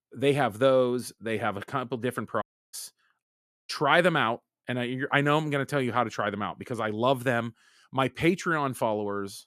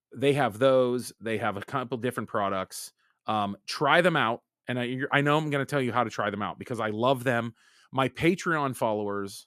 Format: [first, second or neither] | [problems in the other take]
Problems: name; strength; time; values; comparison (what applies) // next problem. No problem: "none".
second | audio cutting out; at 2.5 s and at 3 s